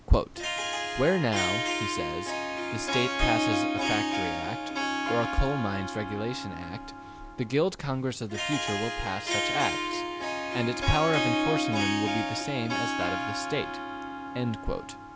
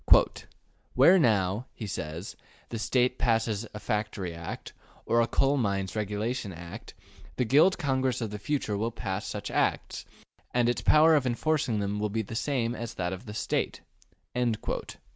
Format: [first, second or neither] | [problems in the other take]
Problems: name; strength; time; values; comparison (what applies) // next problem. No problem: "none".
second | background sound (Harp); as loud as the speech